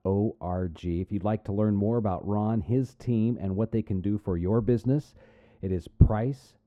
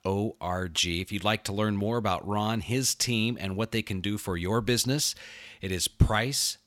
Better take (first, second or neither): second